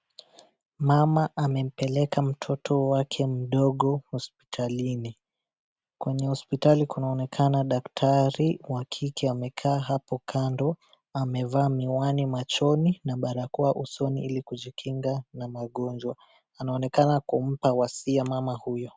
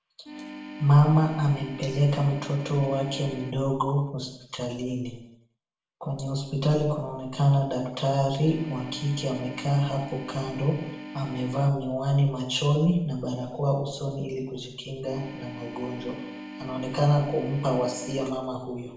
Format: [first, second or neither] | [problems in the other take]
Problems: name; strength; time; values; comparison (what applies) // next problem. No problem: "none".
first | background sound (Organ); 13 dB below the speech // room echo; dies away in 0.7 s